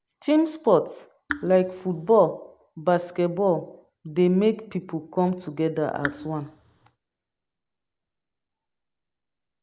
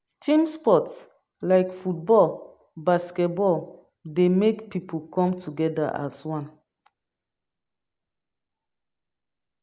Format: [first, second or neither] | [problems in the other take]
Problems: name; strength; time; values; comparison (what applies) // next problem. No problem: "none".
second | background sound (Raindrop / Drip); 11 dB below the speech